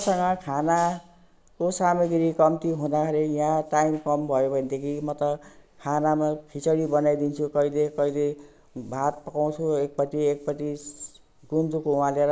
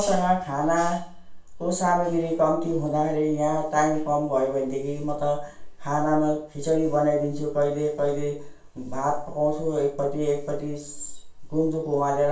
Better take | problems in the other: first | room echo; dies away in 0.3 s

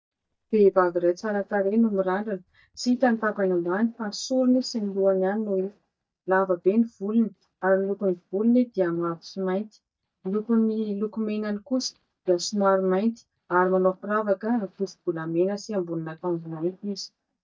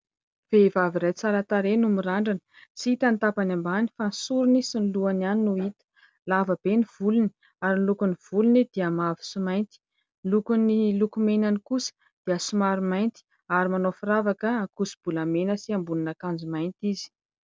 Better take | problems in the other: second | noise reduction (neural mask model DeepFilterNet 3)

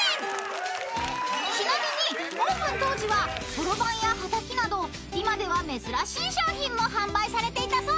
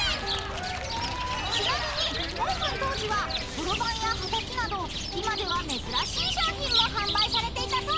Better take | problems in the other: first | background sound (Chirp, tweet); 1 dB below the speech

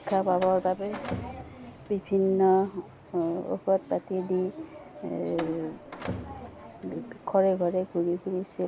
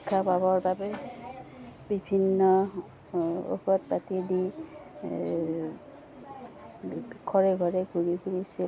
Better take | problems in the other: second | background sound (Slam); 15 dB below the speech

